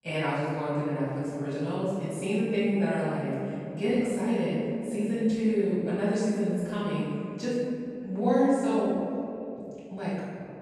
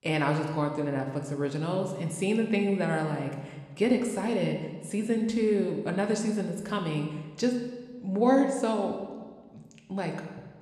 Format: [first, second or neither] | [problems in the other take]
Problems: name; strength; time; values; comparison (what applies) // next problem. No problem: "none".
second | room echo; strong; dies away in 2.8 s; slight in the second // off-mic speech; far